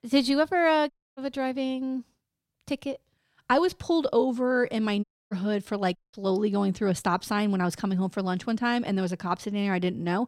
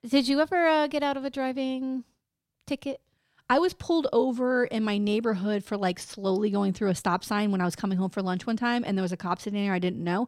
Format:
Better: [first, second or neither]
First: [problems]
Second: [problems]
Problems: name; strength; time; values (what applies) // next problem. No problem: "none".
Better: second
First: audio cutting out; at 1 s, at 5 s and at 6 s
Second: none